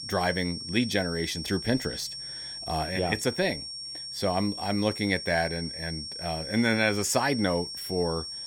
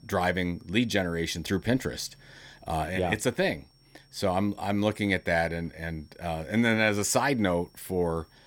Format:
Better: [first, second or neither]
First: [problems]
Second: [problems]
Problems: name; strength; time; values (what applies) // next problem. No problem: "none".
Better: second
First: high-pitched whine; loud; throughout; 5.5 kHz, 7 dB below the speech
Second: high-pitched whine; faint; throughout; 5.5 kHz, 35 dB below the speech